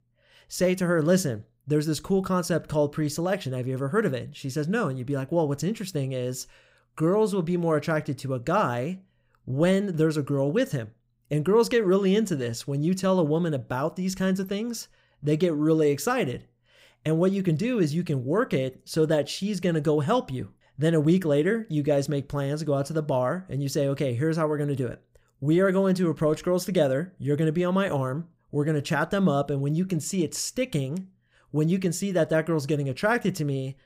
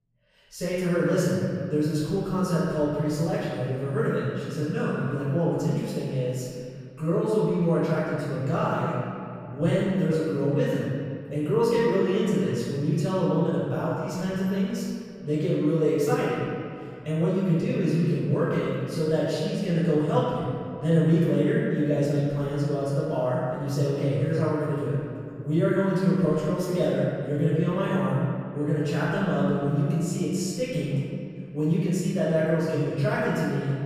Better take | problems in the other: first | off-mic speech; far // room echo; strong; dies away in 2.2 s

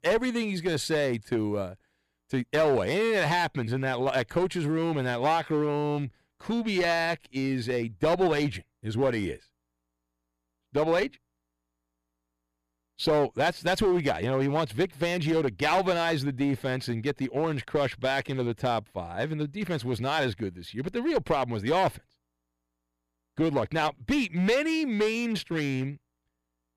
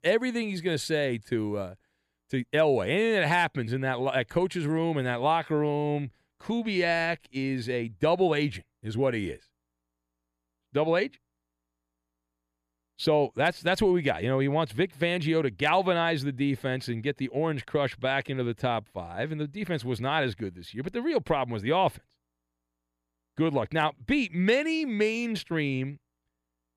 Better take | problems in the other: second | distortion; slight; 7% of the sound clipped

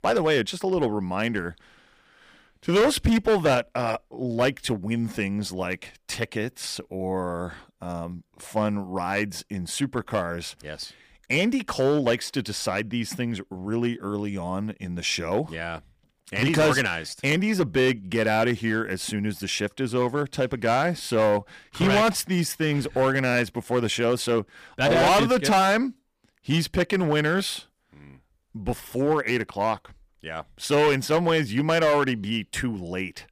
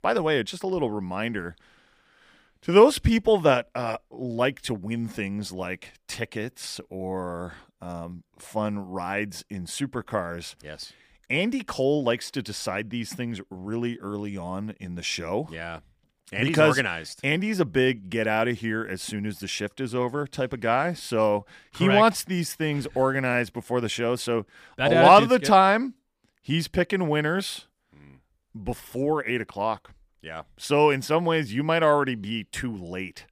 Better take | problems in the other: second | distortion; heavy; 5% of the sound clipped

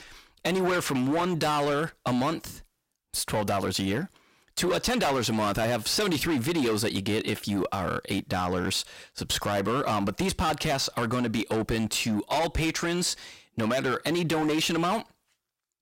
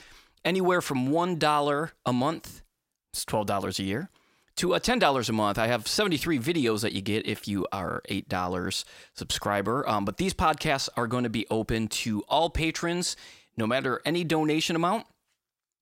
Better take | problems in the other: second | distortion; heavy; 18% of the sound clipped

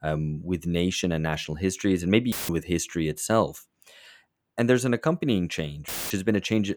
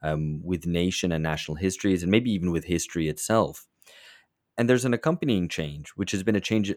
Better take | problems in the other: second | audio cutting out; filled with static; at 2.5 s and at 6 s

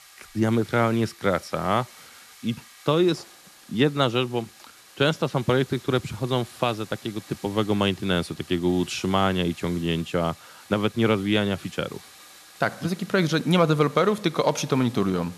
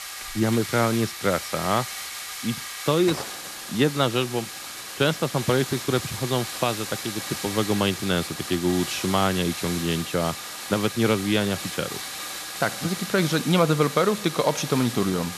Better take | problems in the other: first | hiss; loud; throughout; 7 dB below the speech; faint in the first

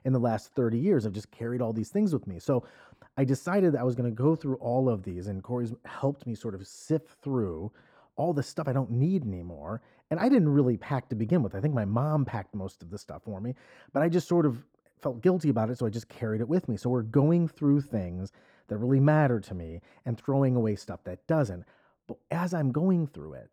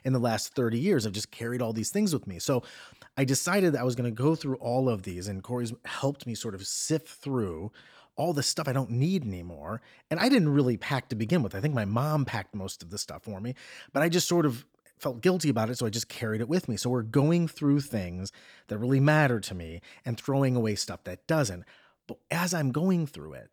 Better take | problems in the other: second | muffled; very; fading above 2 kHz

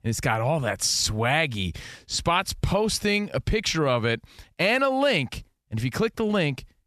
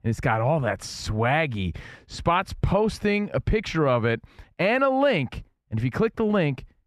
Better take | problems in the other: first | muffled; slightly; fading above 3 kHz

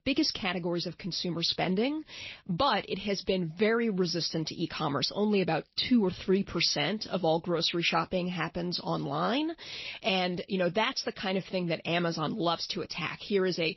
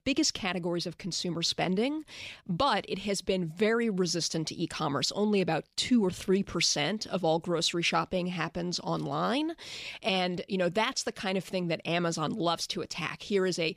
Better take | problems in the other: second | garbled, watery; slightly; nothing above 5.5 kHz

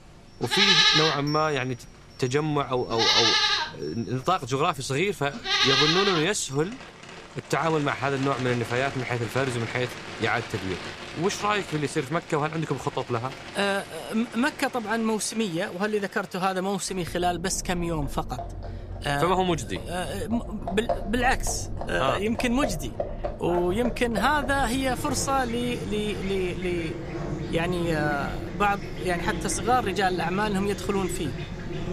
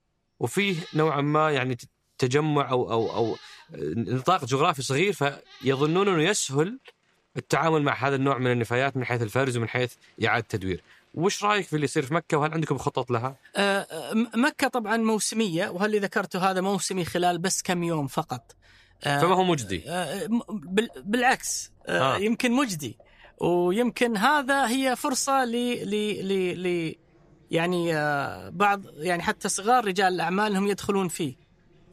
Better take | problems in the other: second | animal sounds; loud; throughout; 1 dB below the speech; faint in the second

